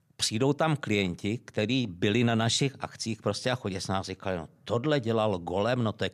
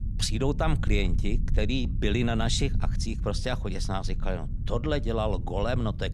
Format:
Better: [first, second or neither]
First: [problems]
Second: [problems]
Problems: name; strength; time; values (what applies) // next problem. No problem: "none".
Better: first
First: none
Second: low rumble; noticeable; throughout; 15 dB below the speech